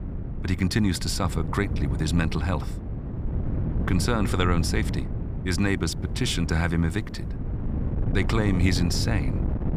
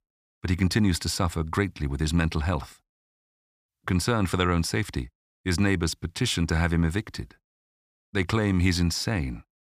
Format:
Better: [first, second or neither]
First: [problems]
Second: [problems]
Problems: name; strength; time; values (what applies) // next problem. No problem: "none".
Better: second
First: wind noise on the microphone; occasional gusts; 10 dB below the speech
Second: none